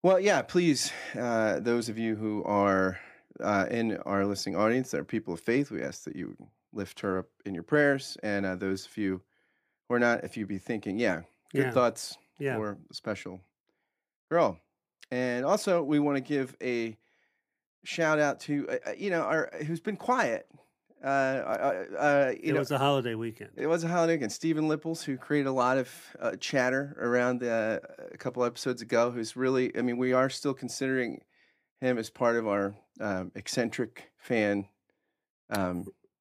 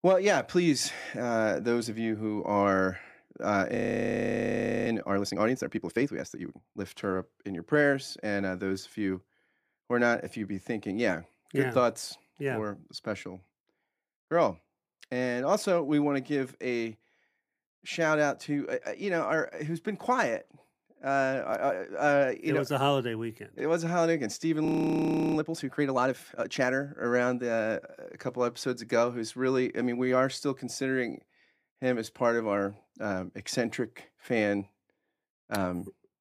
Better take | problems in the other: first | audio freezing; at 4 s for 1 s and at 25 s for 0.5 s

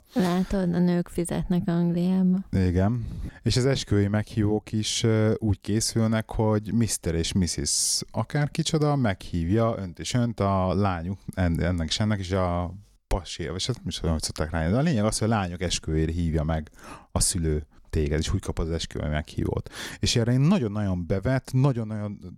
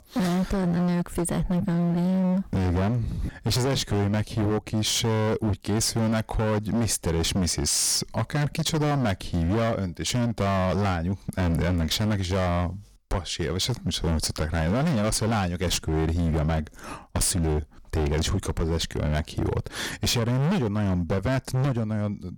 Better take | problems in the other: first | distortion; heavy; 29% of the sound clipped

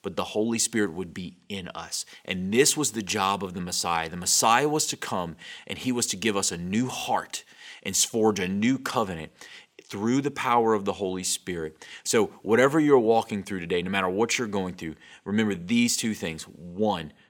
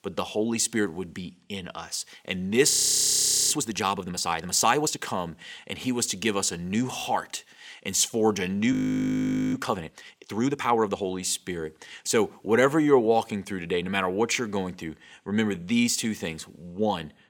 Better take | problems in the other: first | audio freezing; at 2.5 s for 1 s and at 8.5 s for 1 s

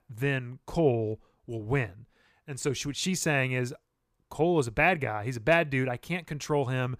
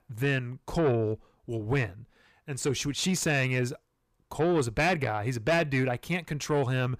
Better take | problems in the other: first | distortion; slight; 10 dB below the speech

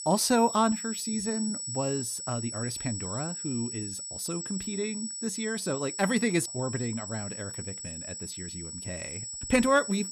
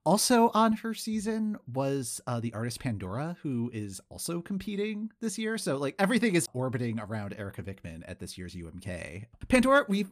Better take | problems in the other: second | high-pitched whine; loud; throughout; 8 kHz, 5 dB below the speech

